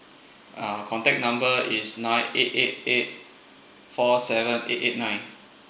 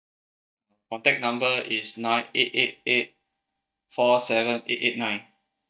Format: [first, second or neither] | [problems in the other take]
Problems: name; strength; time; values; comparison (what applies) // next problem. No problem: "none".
first | noise reduction (neural mask model DeepFilterNet 3)